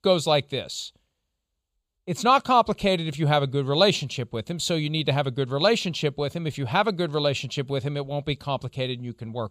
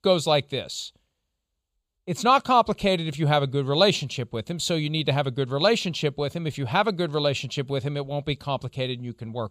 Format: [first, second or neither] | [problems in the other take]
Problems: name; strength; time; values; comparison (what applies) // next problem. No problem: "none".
neither | none